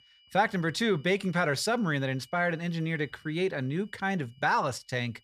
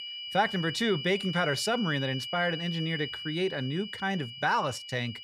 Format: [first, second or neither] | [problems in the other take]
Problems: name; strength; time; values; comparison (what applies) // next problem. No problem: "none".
first | high-pitched whine; loud; throughout; 3 kHz, 7 dB below the speech; faint in the first